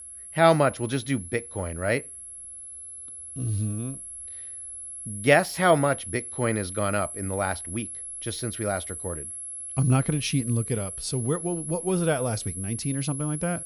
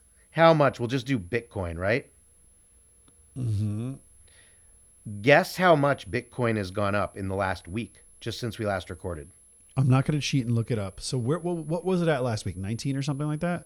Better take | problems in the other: second | high-pitched whine; loud; throughout; 11 kHz, 8 dB below the speech; faint in the second

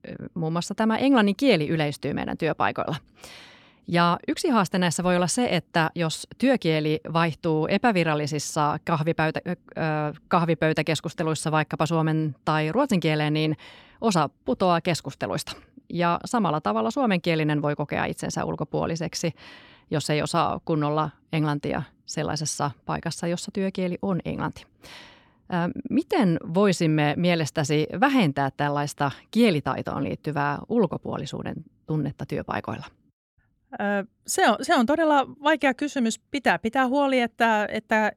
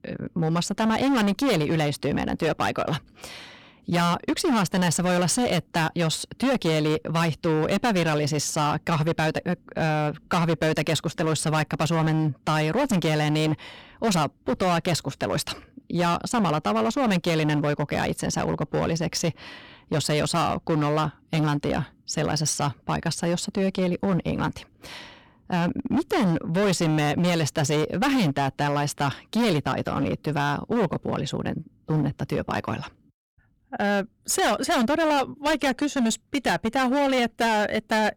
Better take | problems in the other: first | distortion; heavy; 19% of the sound clipped

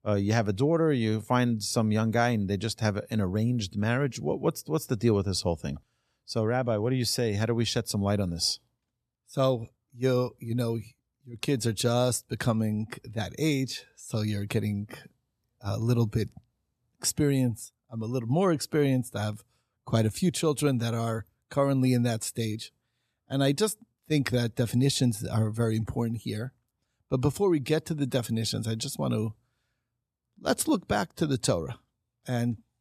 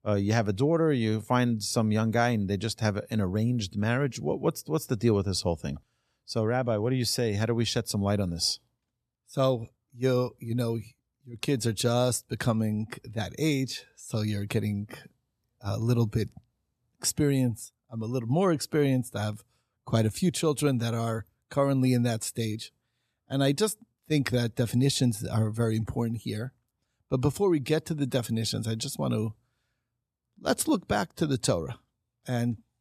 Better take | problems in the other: neither | none

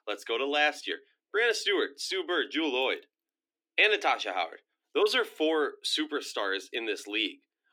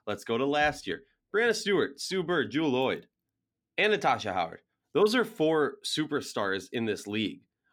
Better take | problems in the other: second | thin; somewhat; fading below 300 Hz

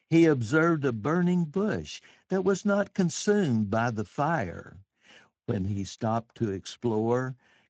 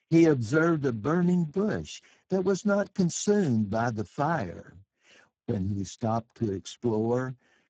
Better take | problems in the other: first | garbled, watery; badly; nothing above 7.5 kHz; slightly in the first

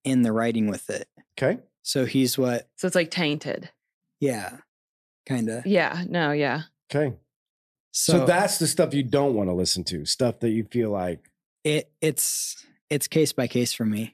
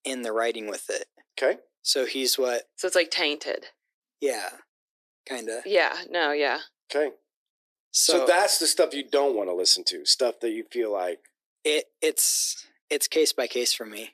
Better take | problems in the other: first | thin; very; fading below 350 Hz

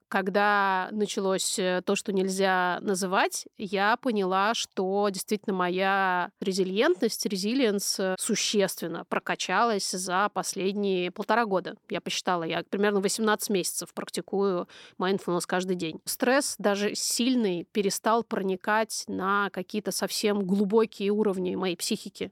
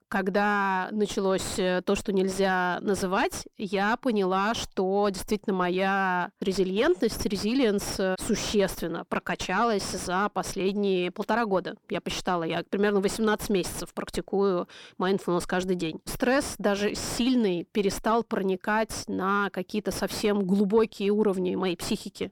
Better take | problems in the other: first | distortion; slight; 7 dB below the speech

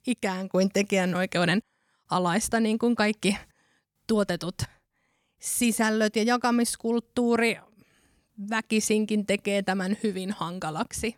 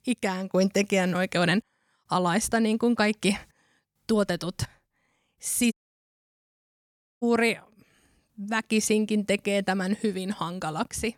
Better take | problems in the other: first | audio cutting out; at 5.5 s for 1.5 s

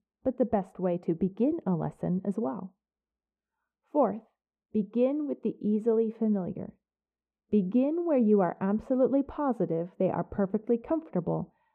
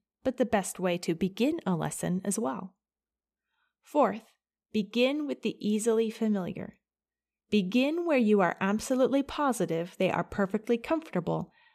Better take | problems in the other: second | muffled; very; fading above 2 kHz

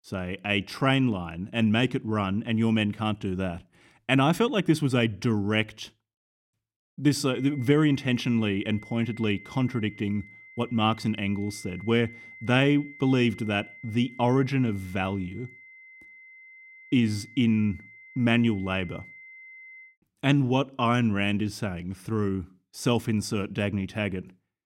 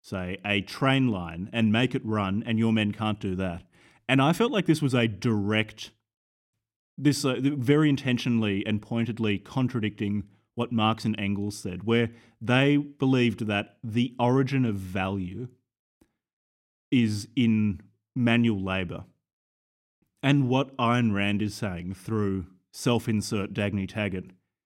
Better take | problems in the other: second | high-pitched whine; noticeable; from 7.5 to 20 s; 2 kHz, 20 dB below the speech

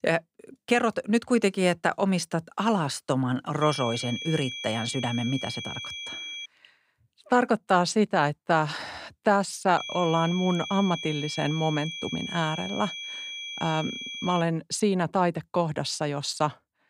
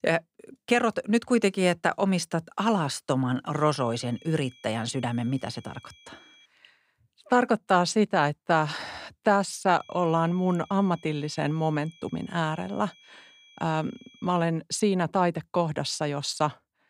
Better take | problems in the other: second | high-pitched whine; loud; from 3.5 to 6.5 s and from 10 to 14 s; 3.5 kHz, 8 dB below the speech; faint in the second

